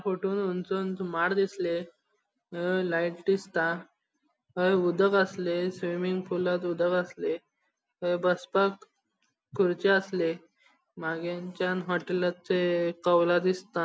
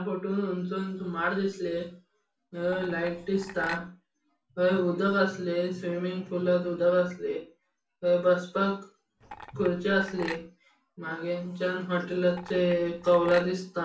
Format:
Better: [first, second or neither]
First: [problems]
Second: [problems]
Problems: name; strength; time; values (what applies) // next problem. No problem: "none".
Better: first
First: none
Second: background sound (Chink, clink); 14 dB below the speech // room echo; dies away in 0.3 s